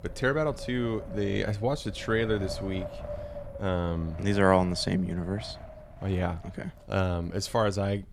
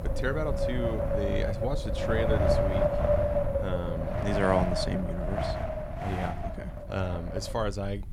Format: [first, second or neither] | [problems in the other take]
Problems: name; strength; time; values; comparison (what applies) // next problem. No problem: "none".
first | wind noise on the microphone; heavy; 3 dB above the speech; occasional gusts in the first